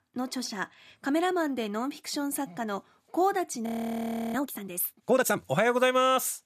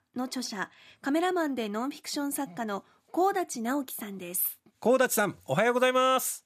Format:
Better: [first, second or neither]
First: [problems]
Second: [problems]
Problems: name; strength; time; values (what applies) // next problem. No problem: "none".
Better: second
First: audio freezing; at 3.5 s for 0.5 s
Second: none